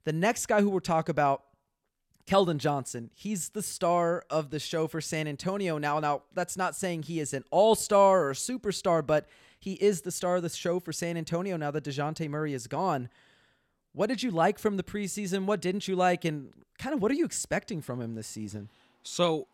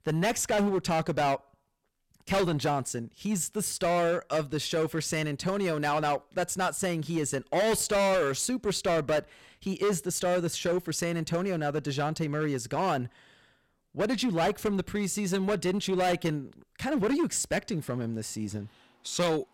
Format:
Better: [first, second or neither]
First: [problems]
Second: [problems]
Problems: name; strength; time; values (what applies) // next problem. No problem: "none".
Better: first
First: none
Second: distortion; heavy; 13% of the sound clipped